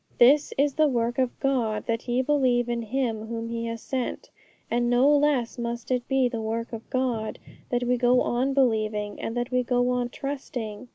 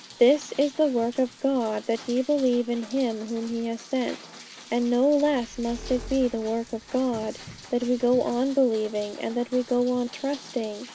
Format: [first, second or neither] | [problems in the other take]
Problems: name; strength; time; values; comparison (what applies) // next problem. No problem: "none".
first | background sound (Rain + Squeak); 18 dB below the speech